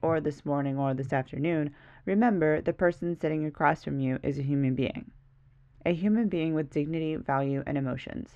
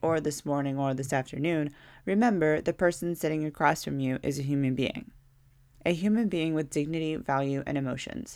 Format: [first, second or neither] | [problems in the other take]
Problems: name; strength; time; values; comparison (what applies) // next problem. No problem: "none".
second | muffled; very; fading above 2.5 kHz